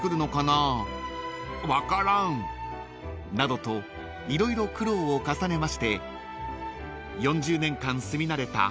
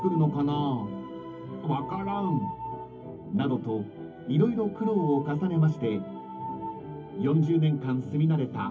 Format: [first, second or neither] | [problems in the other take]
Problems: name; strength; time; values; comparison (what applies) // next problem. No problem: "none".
first | room echo; dies away in 0.3 s